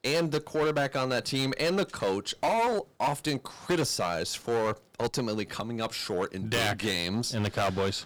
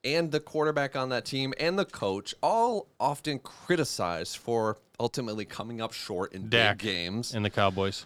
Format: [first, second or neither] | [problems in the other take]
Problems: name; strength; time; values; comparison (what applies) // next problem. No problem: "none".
second | distortion; heavy; 11% of the sound clipped